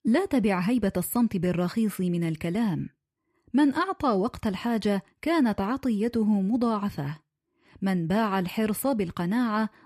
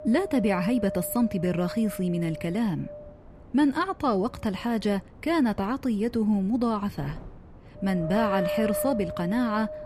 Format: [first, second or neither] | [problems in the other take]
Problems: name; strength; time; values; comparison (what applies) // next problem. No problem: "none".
first | wind noise on the microphone; heavy; 4 dB below the speech